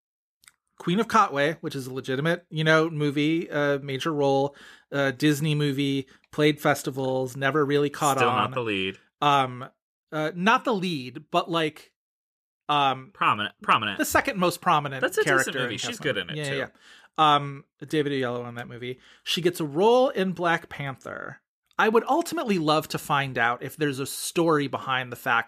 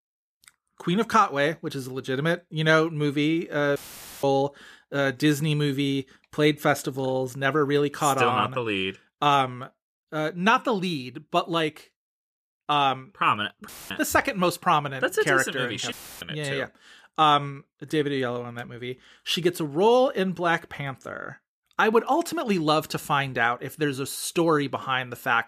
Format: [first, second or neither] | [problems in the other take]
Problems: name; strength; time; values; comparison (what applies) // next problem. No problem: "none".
first | audio cutting out; filled with static; at 4 s, at 14 s and at 16 s